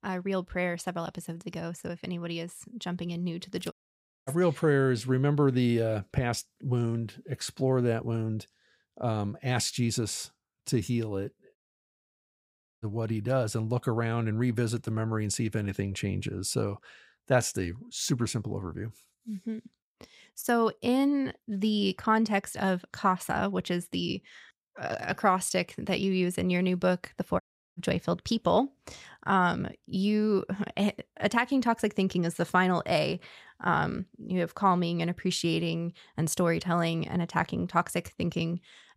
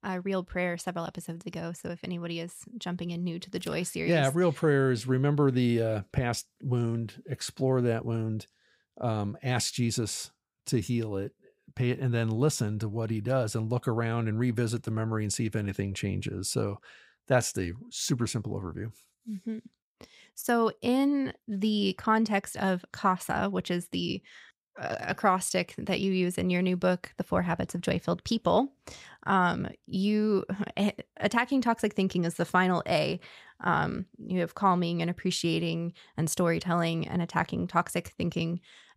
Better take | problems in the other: second | audio cutting out; at 3.5 s for 0.5 s, at 12 s for 1.5 s and at 27 s

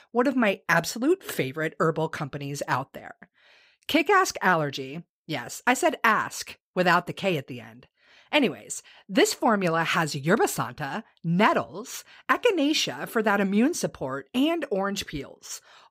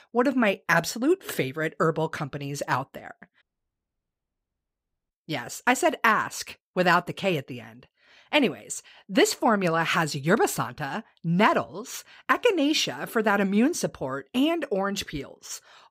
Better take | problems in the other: first | audio cutting out; at 3.5 s for 1.5 s

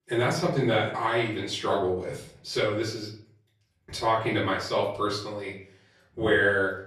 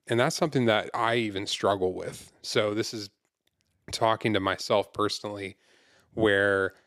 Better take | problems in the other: second | off-mic speech; far // room echo; noticeable; dies away in 0.5 s

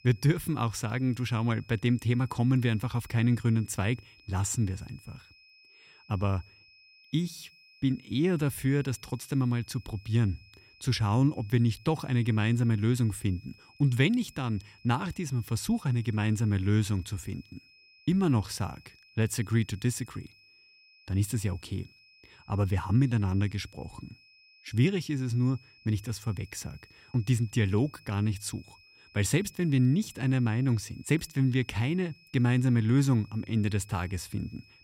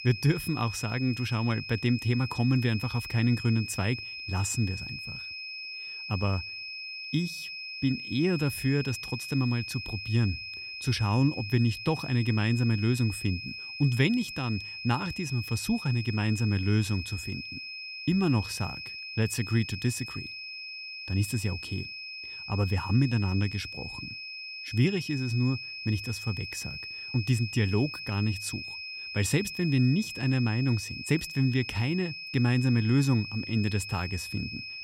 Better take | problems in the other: first | high-pitched whine; loud; throughout; 2.5 kHz, 8 dB below the speech; faint in the first

